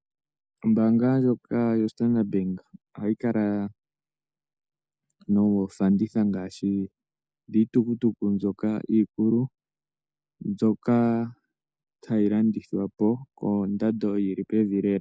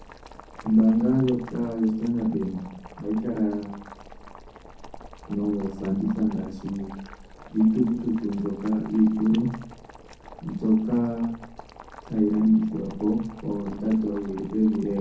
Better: first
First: none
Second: background sound (Boiling); 18 dB below the speech // room echo; dies away in 0.6 s

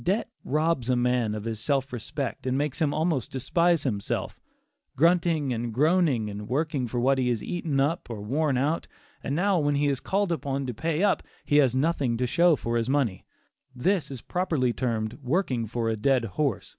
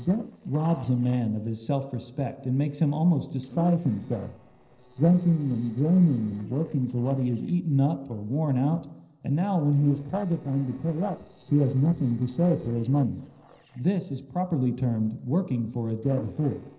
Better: first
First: none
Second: noise reduction (neural separator model SepFormer DNS4)

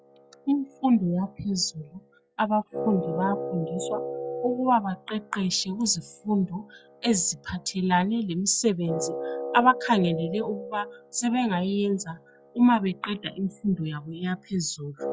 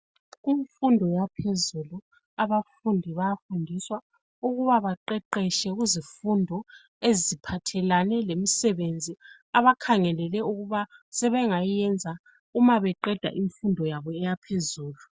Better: second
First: noise reduction (classical method log-MMSE)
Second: none

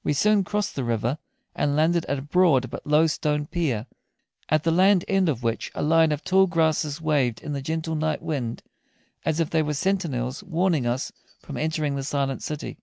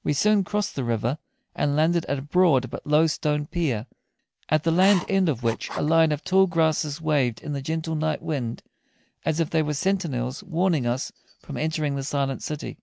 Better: first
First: none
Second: background sound (Writing); 13 dB below the speech

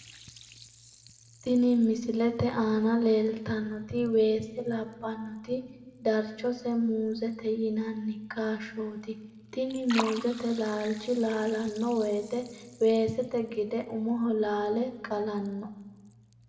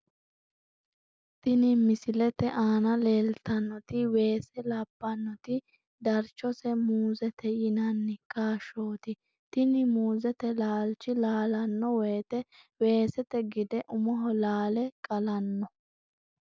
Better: second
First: background sound (Liquid); 19 dB below the speech // room echo; dies away in 1 s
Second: none

